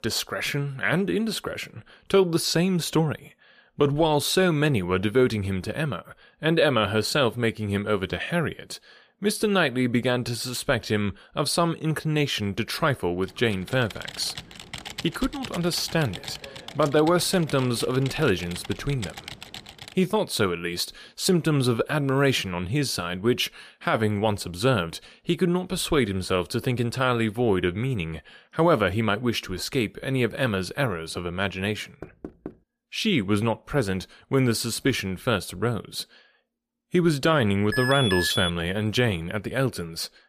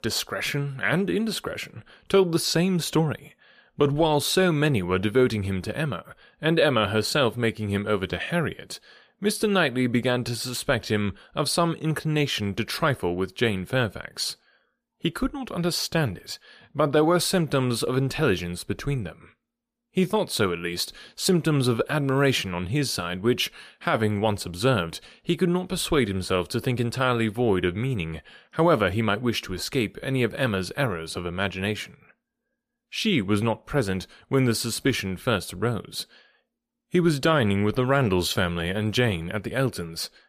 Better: second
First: keyboard typing; faint; from 13 to 20 s; peak 10 dB below the speech // door banging; faint; at 32 s; peak 15 dB below the speech // alarm; noticeable; at 38 s; peak 1 dB below the speech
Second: none

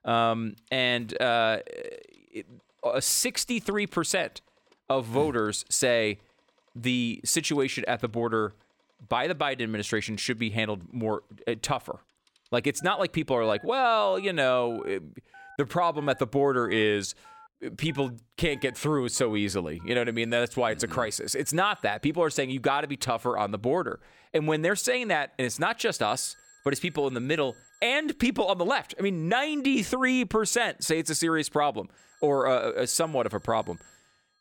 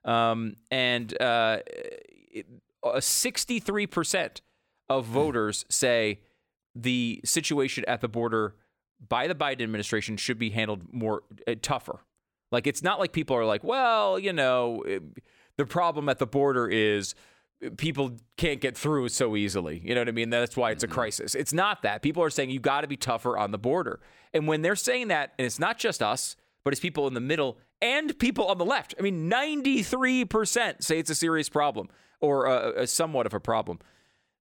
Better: second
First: alarms or sirens; faint; throughout; 30 dB below the speech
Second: none

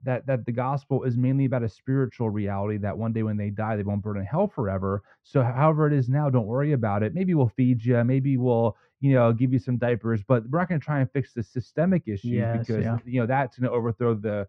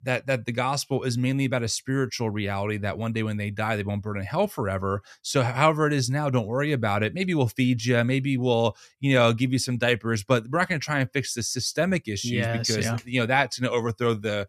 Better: second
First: muffled; very; fading above 1 kHz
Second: none

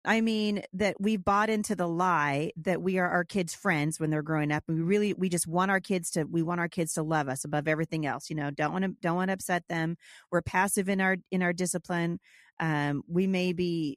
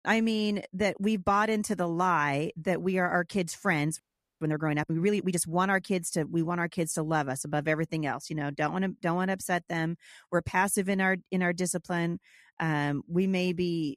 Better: first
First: none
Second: audio freezing; at 4 s

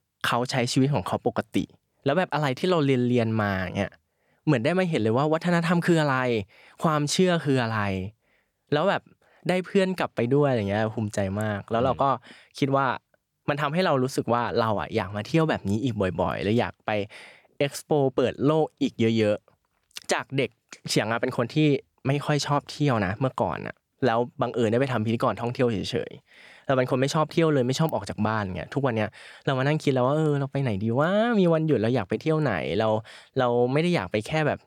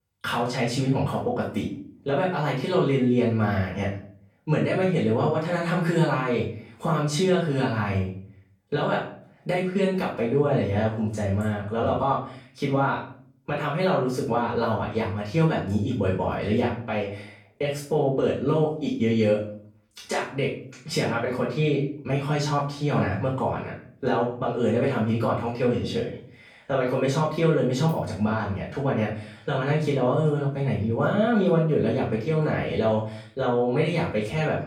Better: first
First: none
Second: off-mic speech; far // room echo; noticeable; dies away in 0.5 s

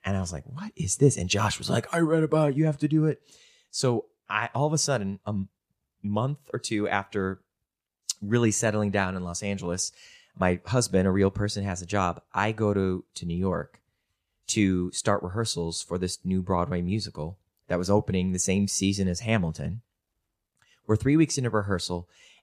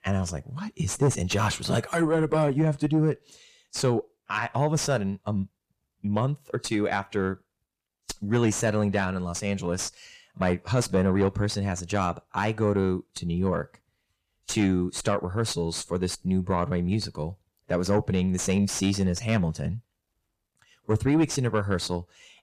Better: first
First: none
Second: distortion; slight; 10 dB below the speech

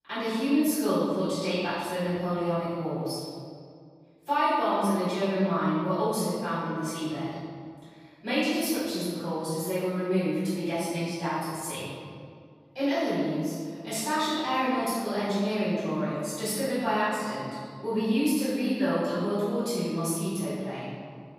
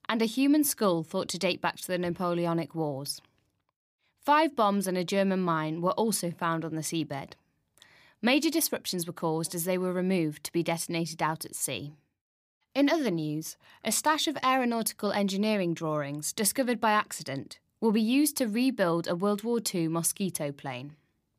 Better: second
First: off-mic speech; far // room echo; strong; dies away in 1.9 s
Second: none

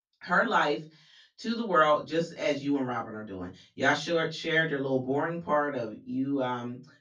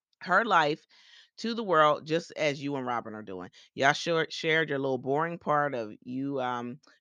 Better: second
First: off-mic speech; far // room echo; very slight; dies away in 0.2 s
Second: none

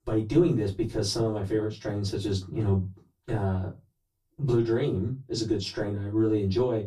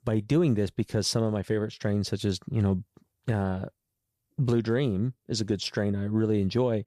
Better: second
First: off-mic speech; far // room echo; very slight; dies away in 0.2 s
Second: none

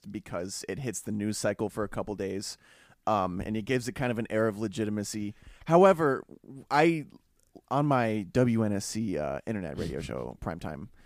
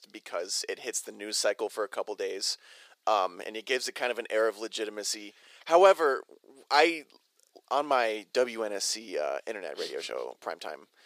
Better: first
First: none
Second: thin; very; fading below 450 Hz

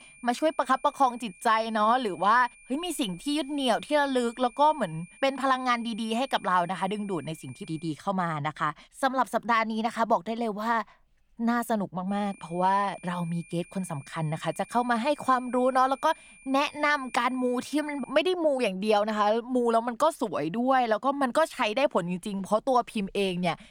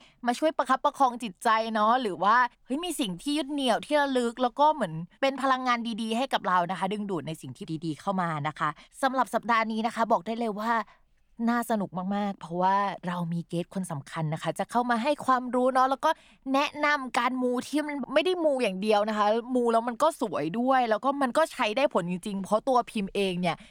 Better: second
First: high-pitched whine; faint; until 8 s and from 12 to 18 s; 2.5 kHz, 25 dB below the speech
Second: none

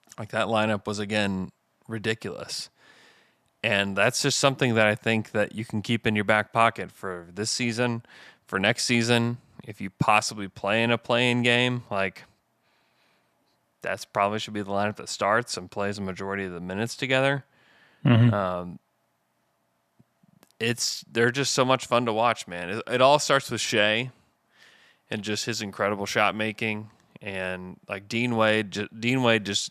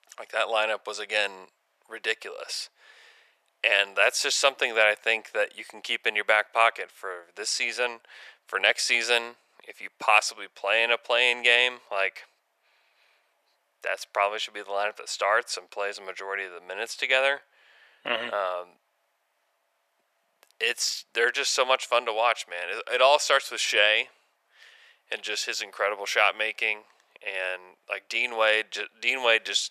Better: first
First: none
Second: thin; very; fading below 500 Hz

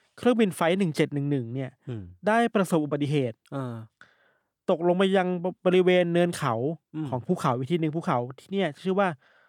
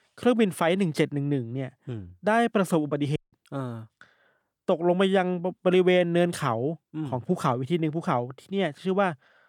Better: first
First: none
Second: audio cutting out; at 3 s

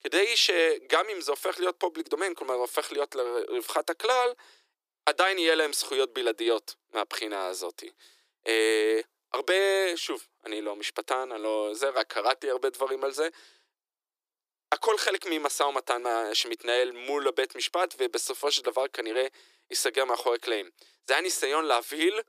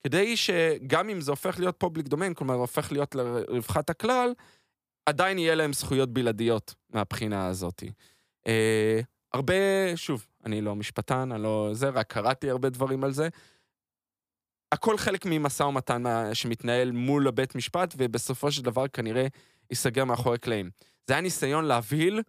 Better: second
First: thin; very; fading below 350 Hz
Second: none

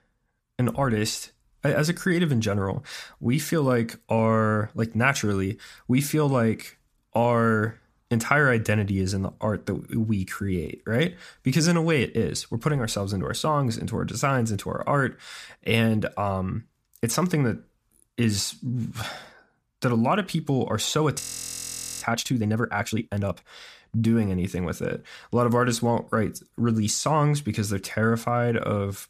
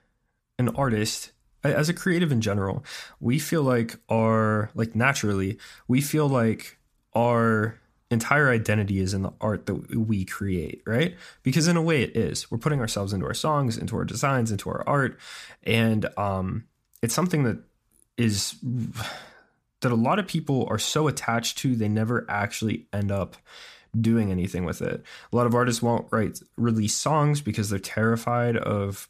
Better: second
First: audio freezing; at 21 s for 1 s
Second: none

